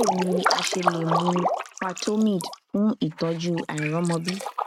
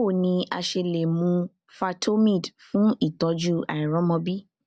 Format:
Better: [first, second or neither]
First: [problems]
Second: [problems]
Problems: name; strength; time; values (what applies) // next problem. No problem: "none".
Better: second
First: noise reduction (neural mask model RNNoise)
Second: none